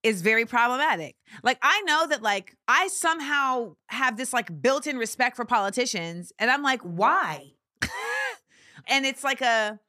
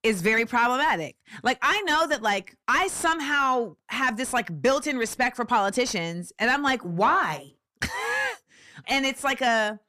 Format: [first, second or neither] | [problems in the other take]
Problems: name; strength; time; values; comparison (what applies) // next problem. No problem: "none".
first | distortion; slight; 10 dB below the speech